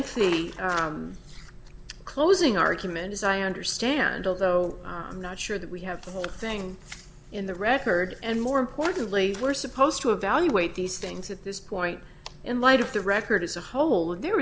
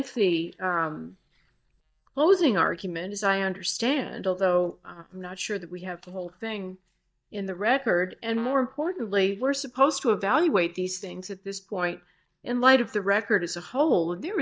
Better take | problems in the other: first | noise reduction (neural mask model DeepFilterNet 3)

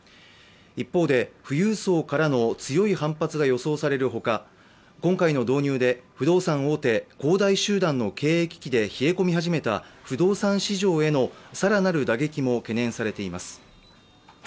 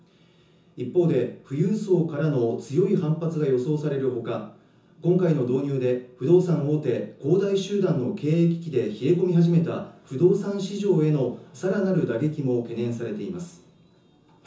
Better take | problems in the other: first | room echo; dies away in 0.6 s

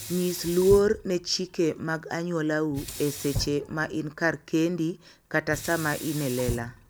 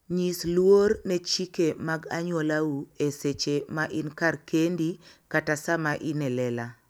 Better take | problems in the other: second | background sound (Sink (filling or washing)); 12 dB below the speech

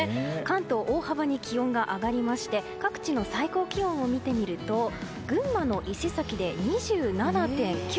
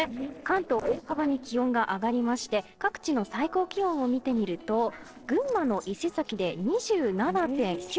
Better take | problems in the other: first | noise reduction (neural separator model SepFormer DNS4)

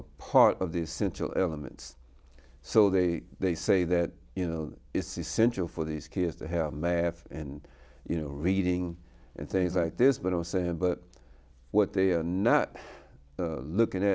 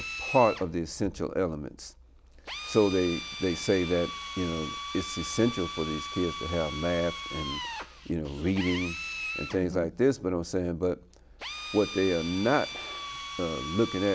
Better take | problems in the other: first | background sound (Drill); 9 dB below the speech

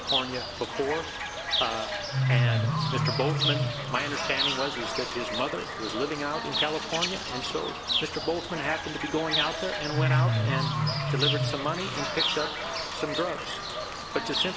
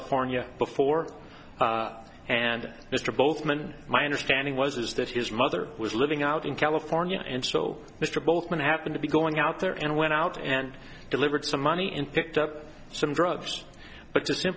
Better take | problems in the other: second | background sound (Bird / Fowl); 3 dB above the speech

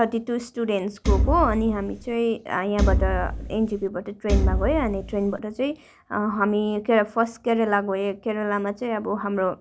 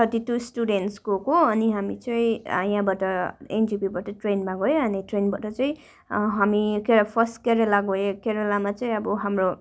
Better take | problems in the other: second | background sound (Thump, thud); 1 dB above the speech

